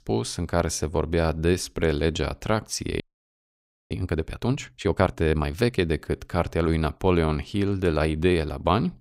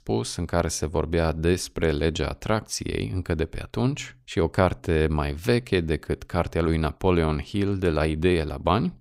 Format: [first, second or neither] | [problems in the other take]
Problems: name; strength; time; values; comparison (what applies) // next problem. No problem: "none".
second | audio freezing; at 3 s for 1 s